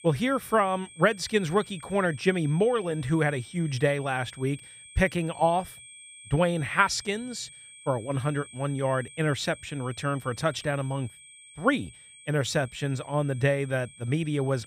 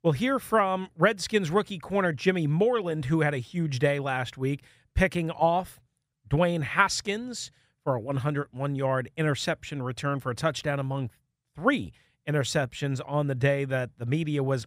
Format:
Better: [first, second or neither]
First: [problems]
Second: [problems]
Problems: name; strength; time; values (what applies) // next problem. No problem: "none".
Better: second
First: high-pitched whine; noticeable; throughout; 8.5 kHz, 20 dB below the speech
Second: none